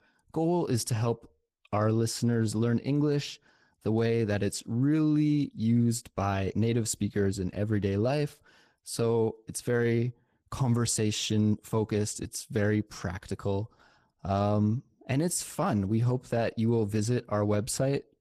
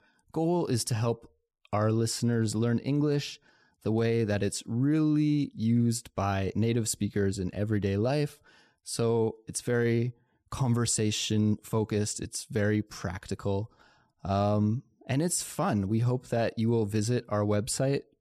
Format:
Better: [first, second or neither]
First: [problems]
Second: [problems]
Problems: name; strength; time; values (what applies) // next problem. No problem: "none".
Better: second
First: garbled, watery; slightly; nothing above 14.5 kHz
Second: none